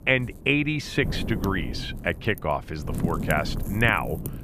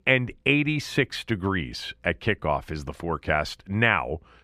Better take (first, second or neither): second